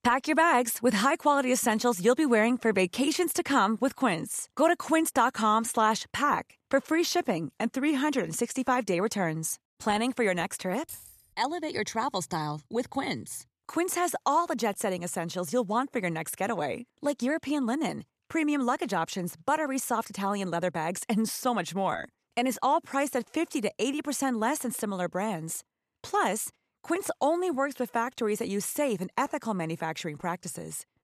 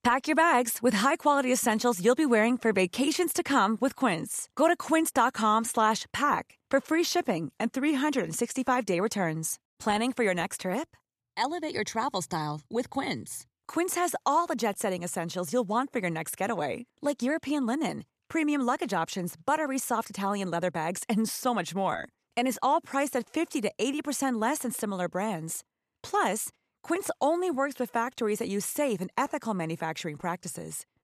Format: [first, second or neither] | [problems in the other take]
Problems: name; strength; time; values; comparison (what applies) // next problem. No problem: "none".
second | jangling keys; faint; at 11 s; peak 15 dB below the speech